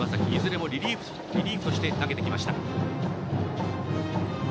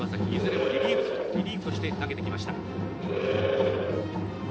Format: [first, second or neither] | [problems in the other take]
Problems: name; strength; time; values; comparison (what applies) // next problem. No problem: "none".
first | background sound (Animal); 2 dB above the speech // room echo; dies away in 0.3 s